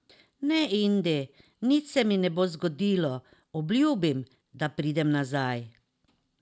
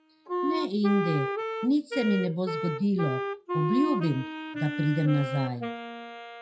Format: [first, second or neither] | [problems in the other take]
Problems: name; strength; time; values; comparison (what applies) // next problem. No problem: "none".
first | noise reduction (classical method WPE with log-MMSE)